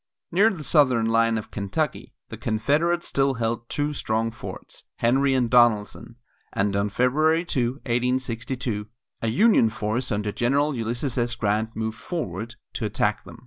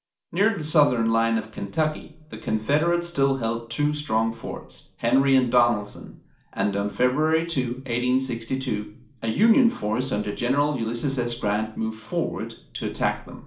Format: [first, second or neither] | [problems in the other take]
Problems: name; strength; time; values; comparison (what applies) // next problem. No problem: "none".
first | room echo; dies away in 0.4 s